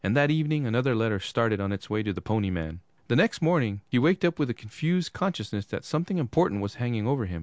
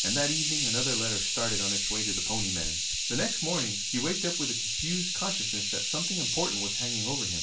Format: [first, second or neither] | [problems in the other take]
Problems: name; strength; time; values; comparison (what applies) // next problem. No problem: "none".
first | background sound (Hiss); 5 dB above the speech // room echo; dies away in 0.3 s